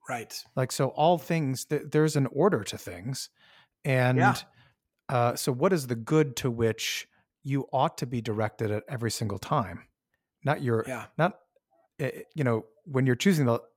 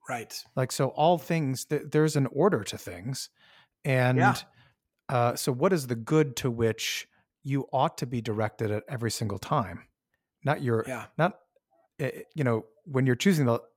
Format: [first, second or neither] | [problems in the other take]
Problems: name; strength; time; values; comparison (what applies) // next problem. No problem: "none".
neither | none